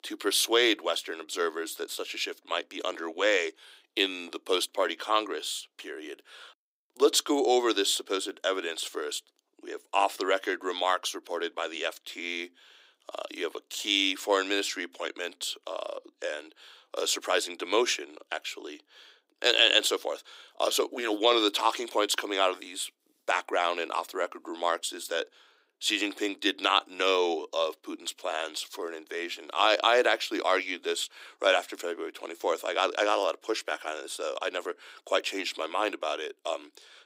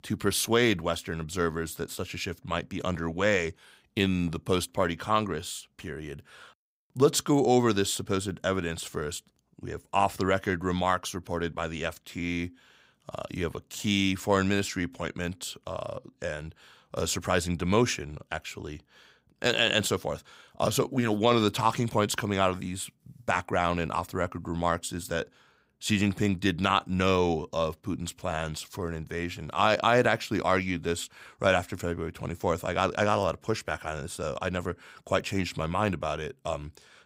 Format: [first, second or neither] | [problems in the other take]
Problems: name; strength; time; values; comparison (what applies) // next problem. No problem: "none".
second | thin; somewhat; fading below 300 Hz